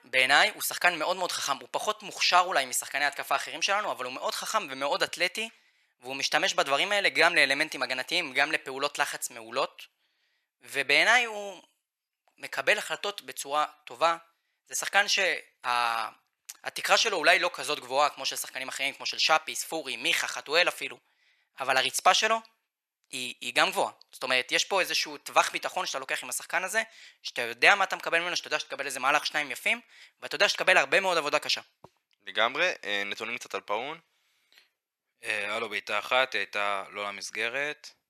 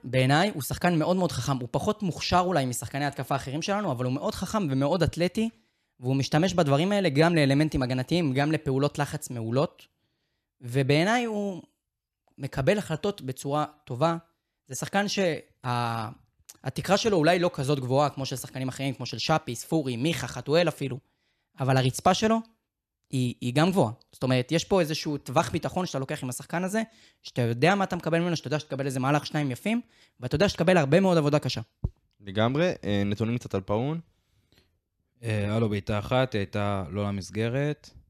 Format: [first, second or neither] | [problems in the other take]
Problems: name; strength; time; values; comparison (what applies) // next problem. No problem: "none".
second | thin; very; fading below 850 Hz